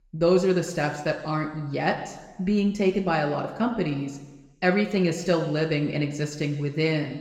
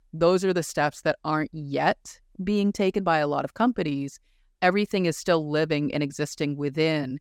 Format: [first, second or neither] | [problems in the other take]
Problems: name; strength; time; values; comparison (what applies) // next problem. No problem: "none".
second | room echo; slight; dies away in 1.1 s // off-mic speech; somewhat distant